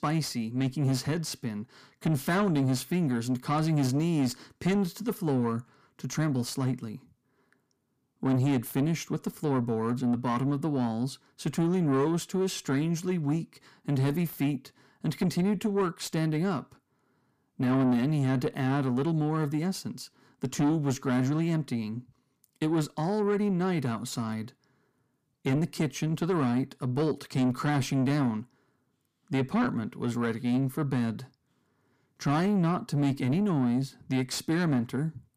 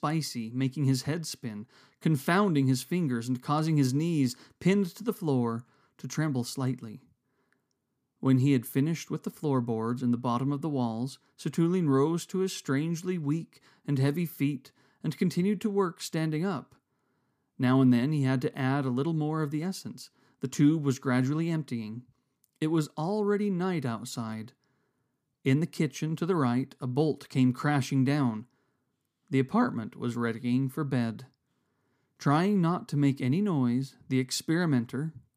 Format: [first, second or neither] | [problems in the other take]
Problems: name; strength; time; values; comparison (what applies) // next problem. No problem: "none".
second | distortion; slight; 10 dB below the speech